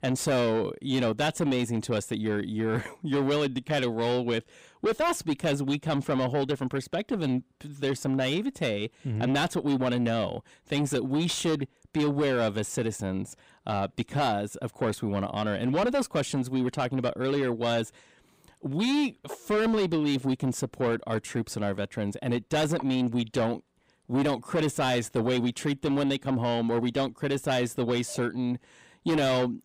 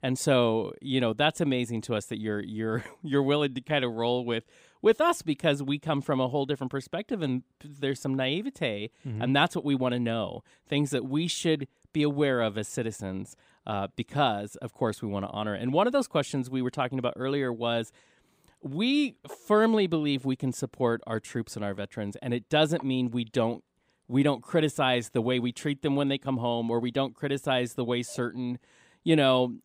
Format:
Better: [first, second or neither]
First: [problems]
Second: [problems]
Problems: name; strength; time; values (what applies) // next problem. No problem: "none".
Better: second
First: distortion; heavy; 8 dB below the speech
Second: none